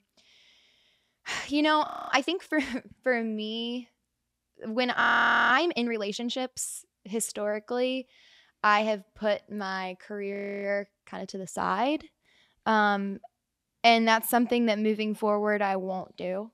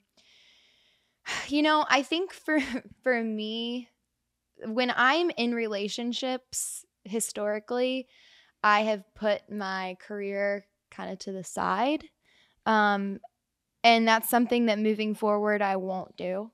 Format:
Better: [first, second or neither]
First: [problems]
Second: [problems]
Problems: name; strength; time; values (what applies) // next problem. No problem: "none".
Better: second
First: audio freezing; at 2 s, at 5 s and at 10 s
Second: none